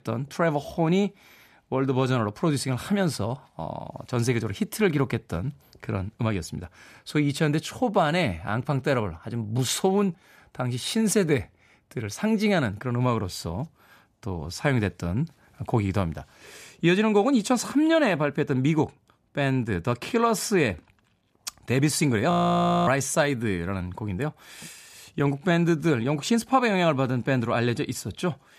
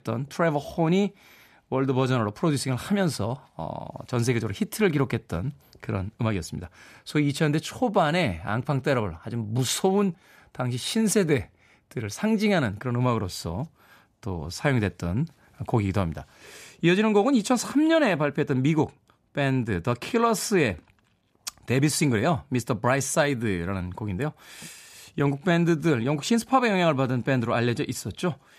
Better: second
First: audio freezing; at 22 s for 0.5 s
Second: none

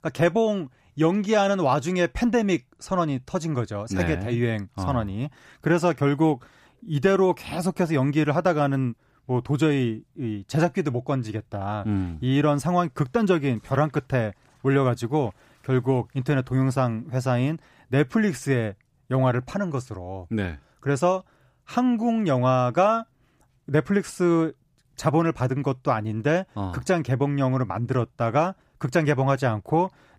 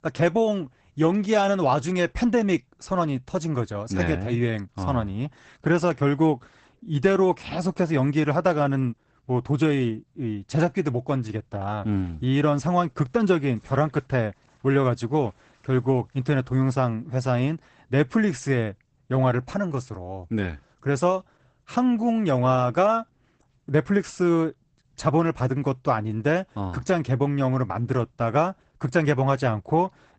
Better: first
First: none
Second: garbled, watery; badly; nothing above 8 kHz

